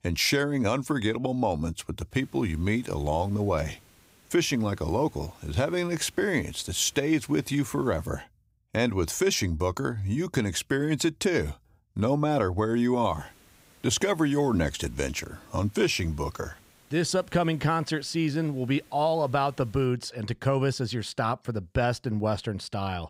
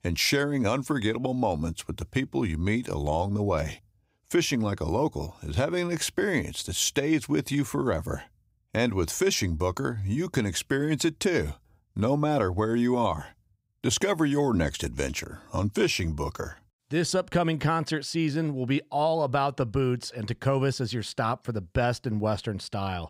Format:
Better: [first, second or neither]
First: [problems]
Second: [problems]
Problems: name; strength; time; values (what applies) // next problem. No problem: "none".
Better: second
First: hiss; faint; from 2 to 8 s and from 13 to 20 s; 30 dB below the speech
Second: none